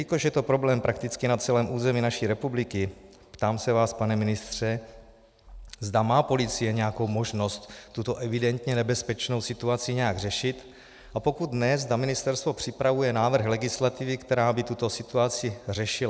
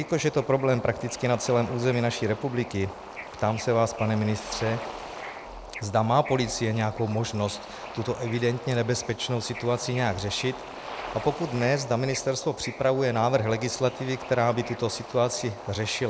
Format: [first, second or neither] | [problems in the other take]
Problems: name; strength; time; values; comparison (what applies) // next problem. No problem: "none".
first | background sound (Bird / Ocean); 13 dB below the speech